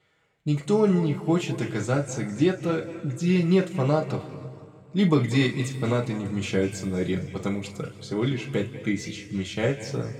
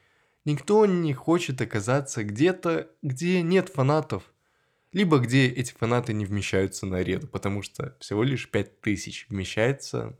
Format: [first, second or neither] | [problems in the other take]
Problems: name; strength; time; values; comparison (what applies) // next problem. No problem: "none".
second | room echo; noticeable; dies away in 1.9 s // off-mic speech; far